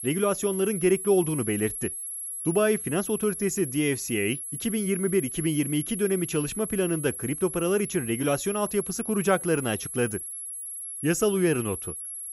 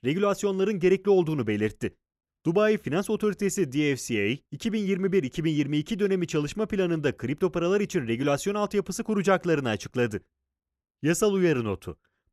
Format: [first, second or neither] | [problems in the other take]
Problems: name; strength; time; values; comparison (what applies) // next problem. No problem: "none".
second | high-pitched whine; loud; throughout; 11 kHz, 6 dB below the speech